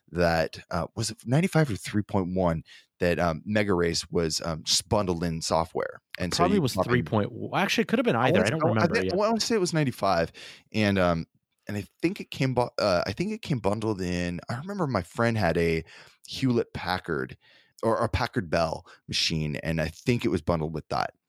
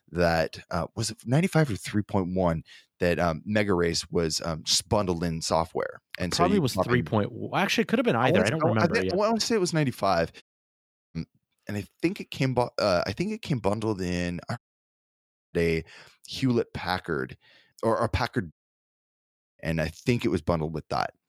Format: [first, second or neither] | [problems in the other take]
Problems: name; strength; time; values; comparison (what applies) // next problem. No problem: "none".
first | audio cutting out; at 10 s for 0.5 s, at 15 s for 1 s and at 19 s for 1 s